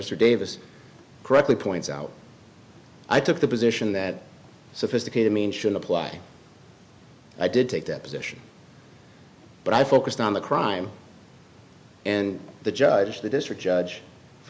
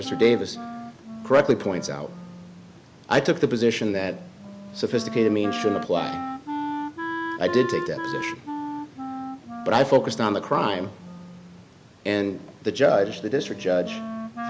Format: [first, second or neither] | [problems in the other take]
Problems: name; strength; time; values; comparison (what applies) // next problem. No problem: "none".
first | background sound (Wind instrument, woodwind instrument); 9 dB below the speech